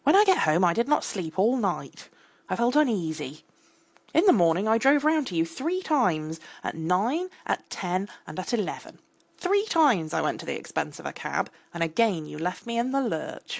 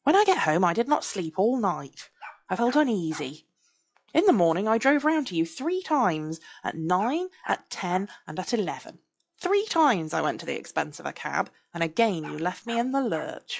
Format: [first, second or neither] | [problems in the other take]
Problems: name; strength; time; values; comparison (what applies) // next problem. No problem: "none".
first | noise reduction (classical method log-MMSE)